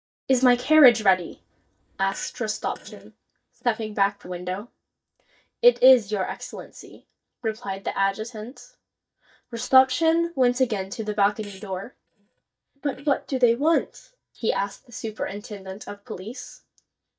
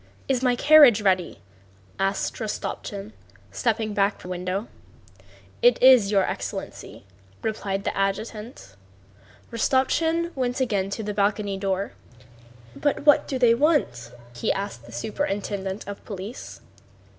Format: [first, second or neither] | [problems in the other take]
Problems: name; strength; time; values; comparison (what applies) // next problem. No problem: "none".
second | noise reduction (neural mask model DeepFilterNet 3)